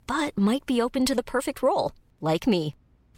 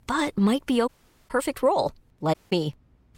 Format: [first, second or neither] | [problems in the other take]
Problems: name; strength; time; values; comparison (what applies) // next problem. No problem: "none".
first | audio cutting out; at 1 s and at 2.5 s